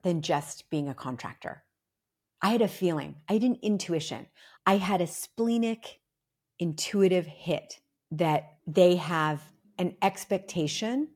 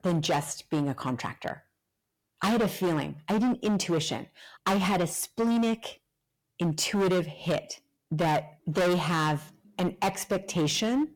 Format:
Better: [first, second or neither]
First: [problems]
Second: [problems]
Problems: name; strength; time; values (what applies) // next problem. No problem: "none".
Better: first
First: none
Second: distortion; heavy; 15% of the sound clipped